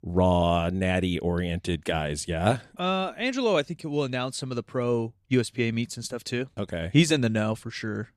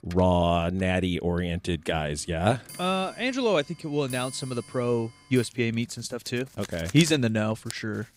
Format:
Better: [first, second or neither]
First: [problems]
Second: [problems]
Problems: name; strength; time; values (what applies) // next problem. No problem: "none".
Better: first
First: none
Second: household noises; noticeable; throughout; 15 dB below the speech